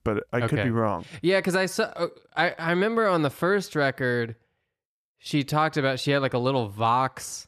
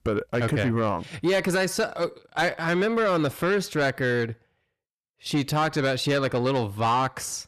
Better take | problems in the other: first | distortion; slight; 10 dB below the speech

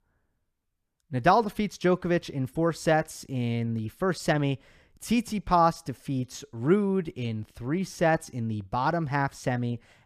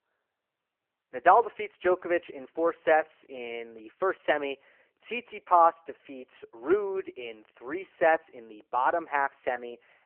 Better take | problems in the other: first | phone-call audio; poor line; nothing above 3 kHz

